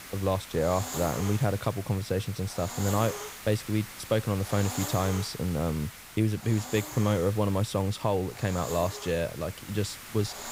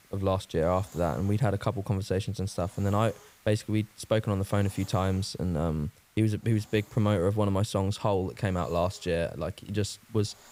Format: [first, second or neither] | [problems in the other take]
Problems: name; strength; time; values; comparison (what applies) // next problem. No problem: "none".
second | hiss; loud; throughout; 10 dB below the speech; faint in the second